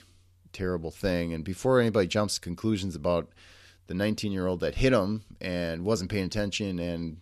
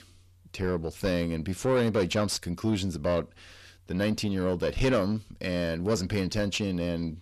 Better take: first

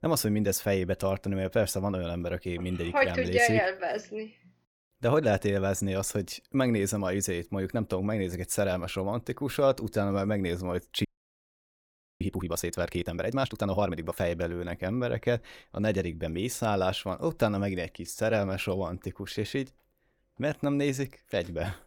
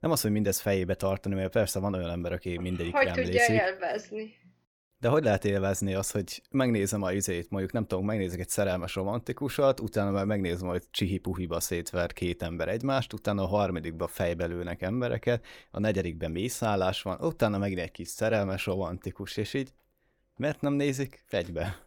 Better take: second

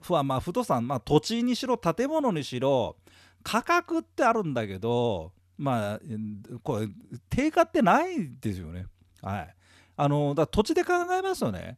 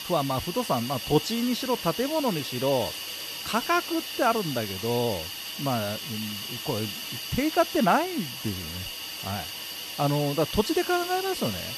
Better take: first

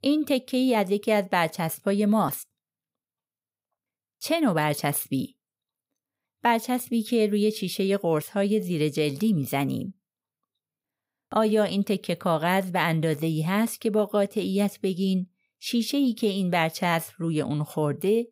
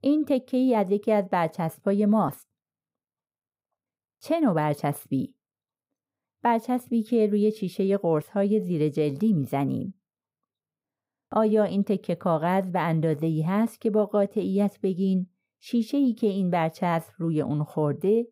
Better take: first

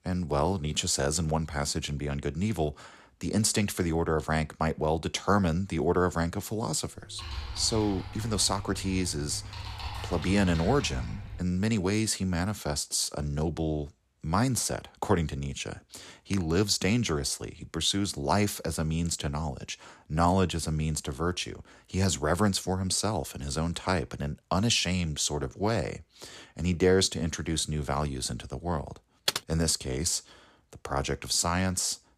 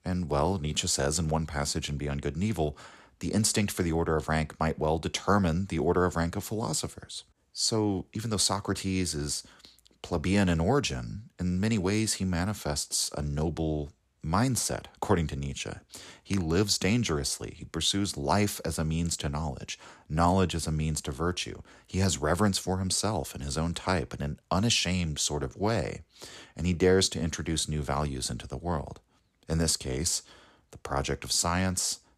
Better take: second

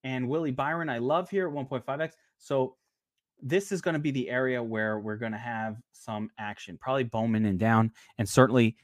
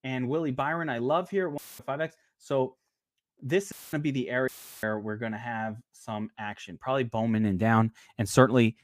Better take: first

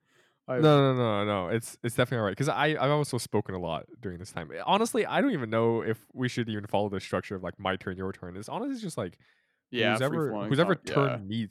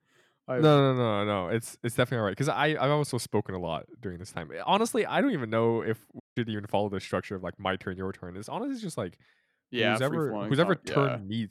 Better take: first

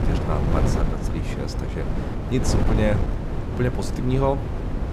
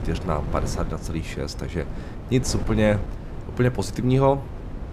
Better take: second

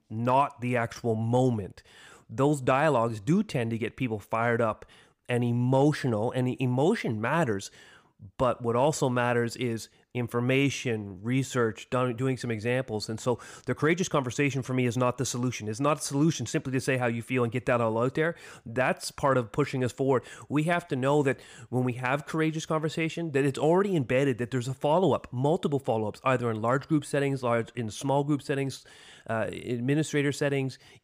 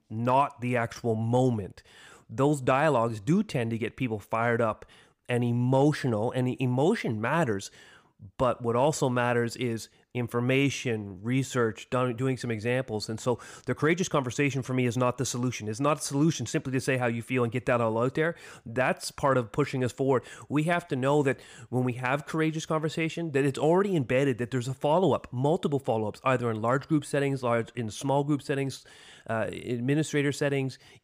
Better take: neither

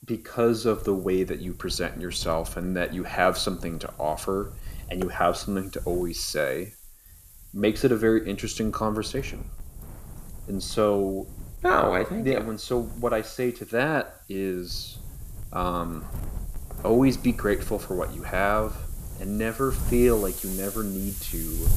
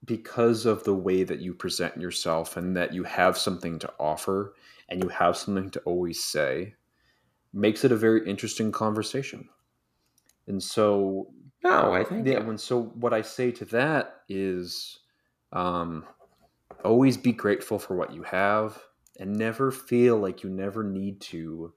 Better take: second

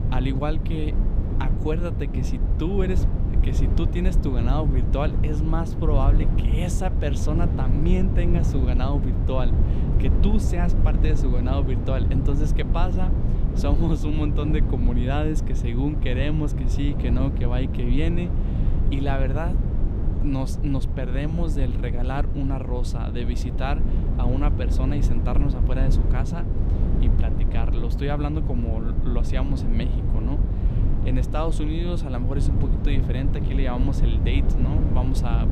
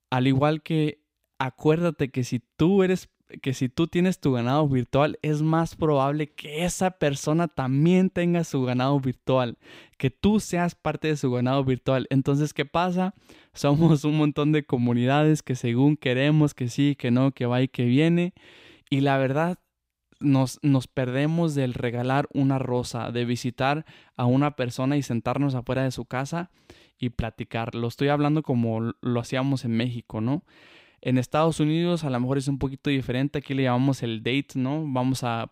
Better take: second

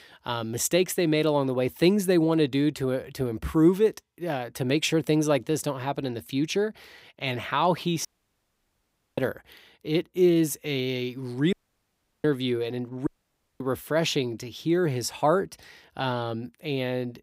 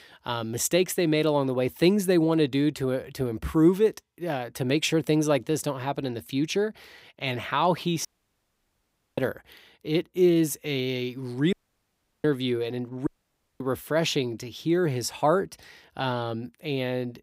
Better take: neither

